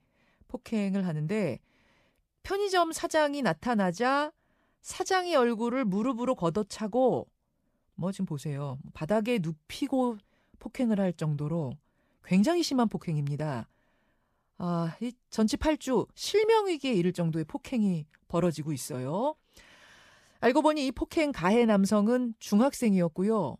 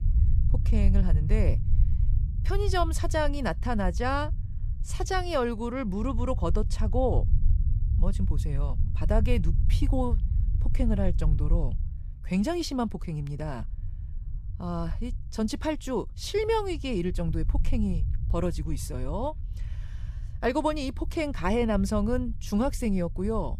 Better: first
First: none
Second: low rumble; noticeable; throughout; 15 dB below the speech

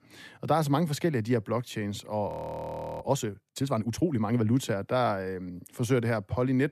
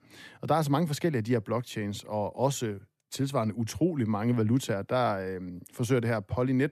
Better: second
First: audio freezing; at 2.5 s for 0.5 s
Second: none

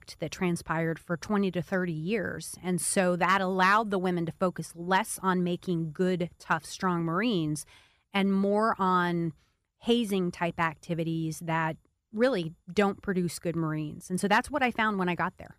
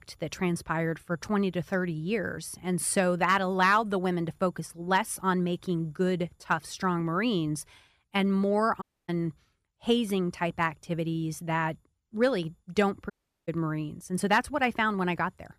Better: first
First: none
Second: audio cutting out; at 9 s and at 13 s

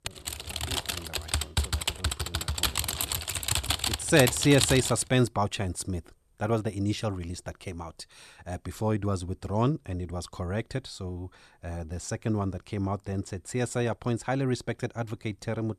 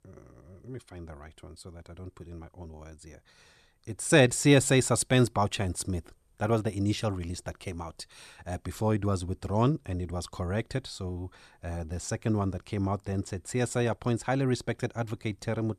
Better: second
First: keyboard typing; loud; until 5 s; peak 3 dB above the speech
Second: none

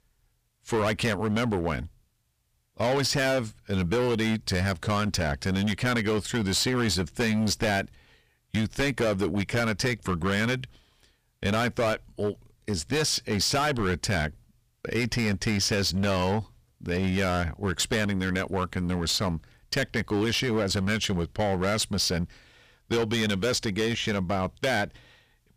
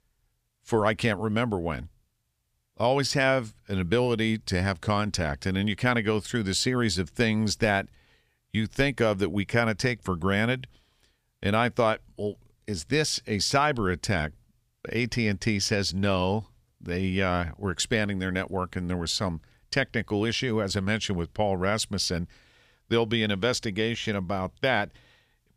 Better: second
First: distortion; heavy; 13% of the sound clipped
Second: none

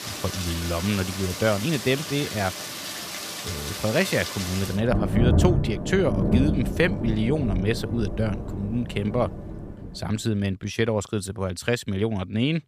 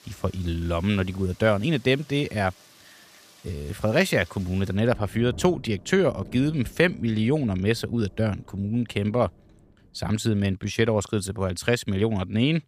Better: second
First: rain or running water; loud; until 10 s; 2 dB below the speech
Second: rain or running water; faint; until 10 s; 20 dB below the speech

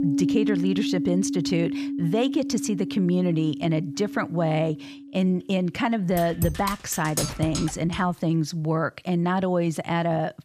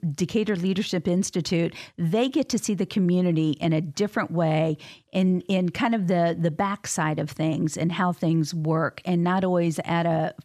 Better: second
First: background music; loud; until 7.5 s; 5 dB below the speech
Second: none

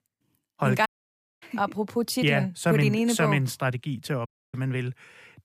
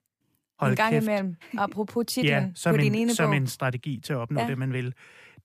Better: second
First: audio cutting out; at 1 s for 0.5 s and at 4.5 s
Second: none

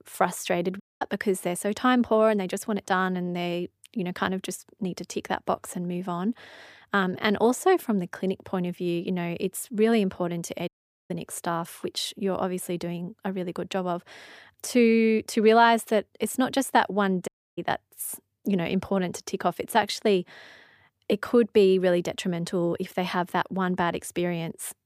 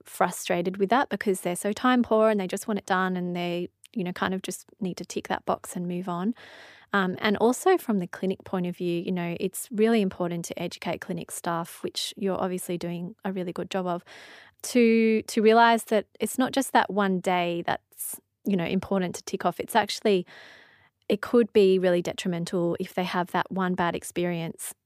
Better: second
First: audio cutting out; at 1 s, at 11 s and at 17 s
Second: none

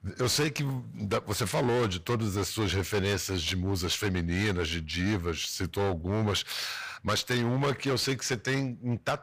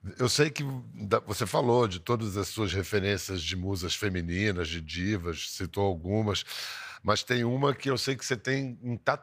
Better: second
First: distortion; heavy; 15% of the sound clipped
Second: none

